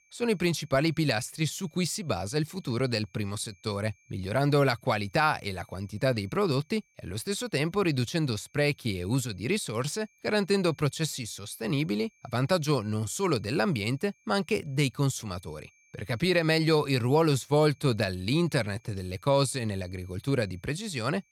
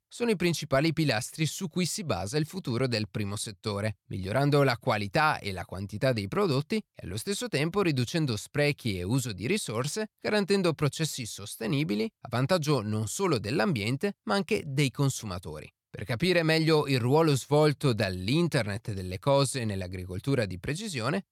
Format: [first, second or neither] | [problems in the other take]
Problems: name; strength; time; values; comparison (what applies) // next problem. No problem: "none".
second | high-pitched whine; faint; throughout; 2.5 kHz, 35 dB below the speech